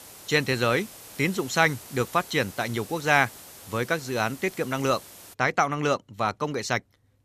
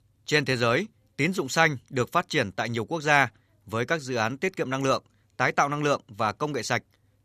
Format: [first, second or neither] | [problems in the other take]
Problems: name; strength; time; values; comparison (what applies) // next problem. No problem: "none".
second | hiss; noticeable; until 5.5 s; 15 dB below the speech